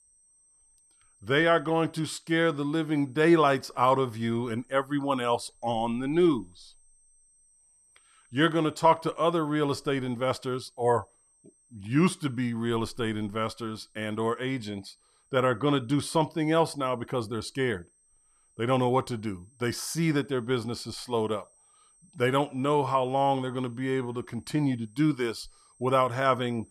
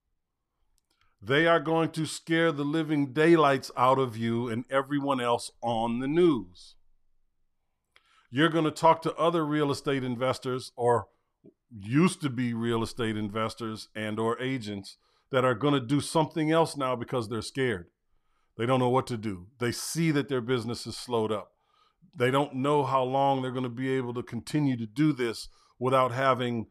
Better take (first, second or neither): second